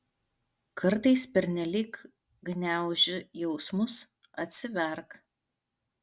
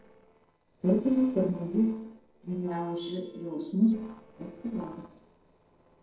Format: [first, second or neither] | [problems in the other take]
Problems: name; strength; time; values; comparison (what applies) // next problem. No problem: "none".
first | noise reduction (neural separator model SepFormer DNS4)